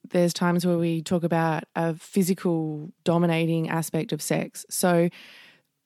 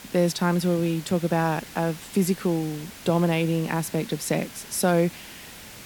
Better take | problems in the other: first | hiss; noticeable; throughout; 15 dB below the speech

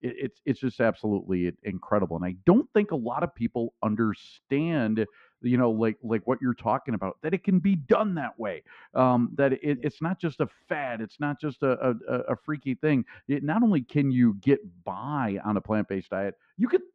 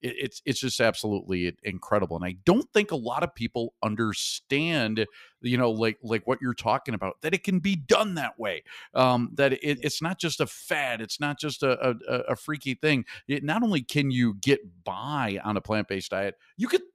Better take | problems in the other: second | muffled; very; fading above 1.5 kHz

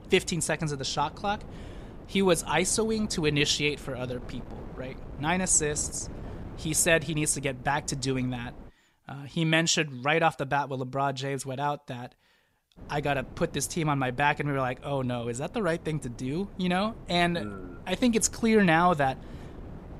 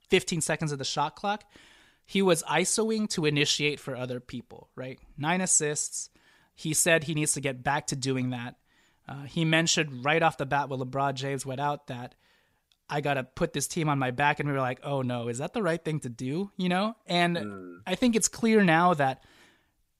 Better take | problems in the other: second | wind noise on the microphone; occasional gusts; until 8.5 s and from 13 s on; 20 dB below the speech

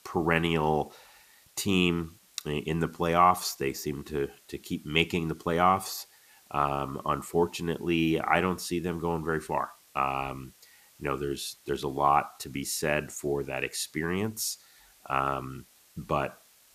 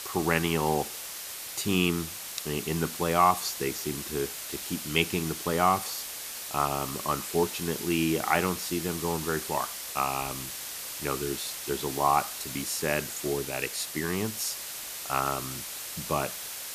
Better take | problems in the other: first | hiss; loud; throughout; 6 dB below the speech; faint in the first

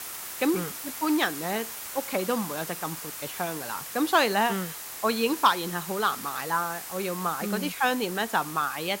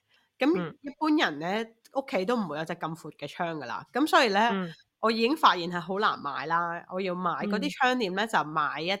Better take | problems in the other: second | hiss; loud; throughout; 8 dB below the speech

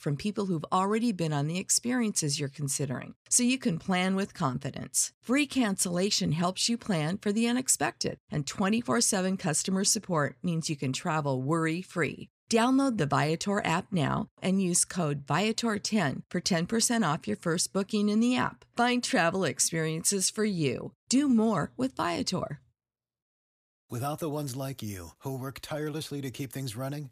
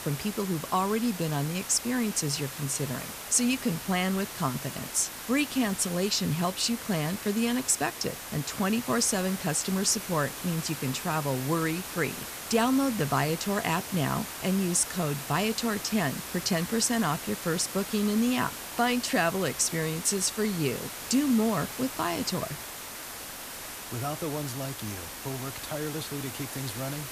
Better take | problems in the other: first | hiss; loud; throughout; 8 dB below the speech

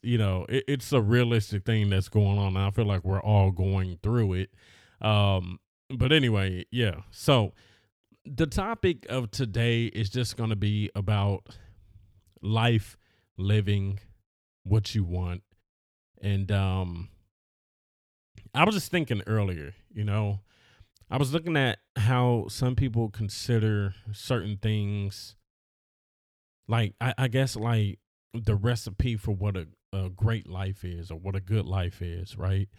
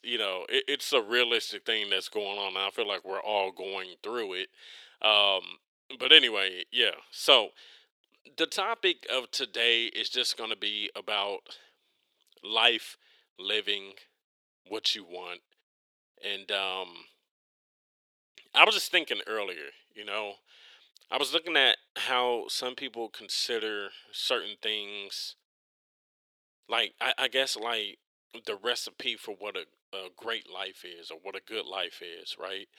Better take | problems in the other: first | thin; very; fading below 400 Hz

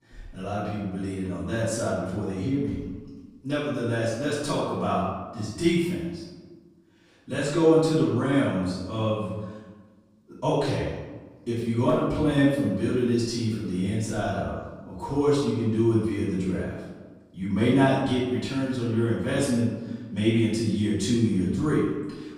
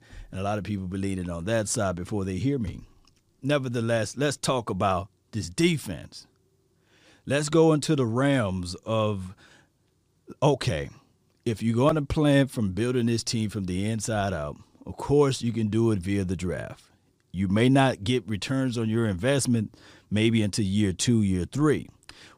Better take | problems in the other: second | off-mic speech; far // room echo; strong; dies away in 1.1 s

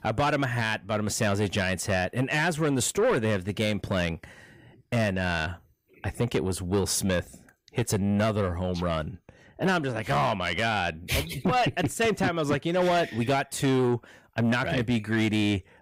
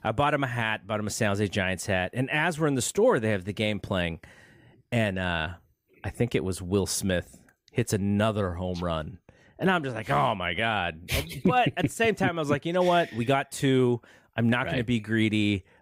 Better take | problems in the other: second | distortion; slight; 10 dB below the speech

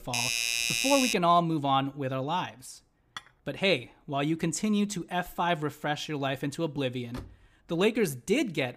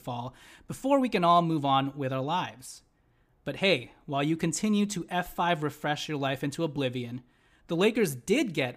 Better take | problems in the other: second | doorbell; loud; until 1 s; peak 3 dB above the speech // clattering dishes; faint; at 3 s; peak 15 dB below the speech // door banging; faint; at 7 s; peak 15 dB below the speech

